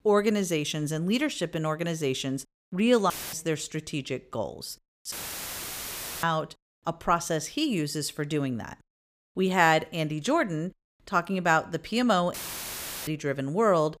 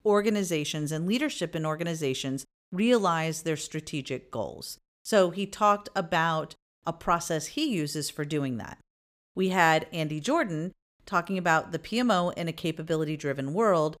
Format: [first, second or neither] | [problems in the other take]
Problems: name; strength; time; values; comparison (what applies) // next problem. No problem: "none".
second | audio cutting out; filled with static; at 3 s, at 5 s for 1 s and at 12 s for 0.5 s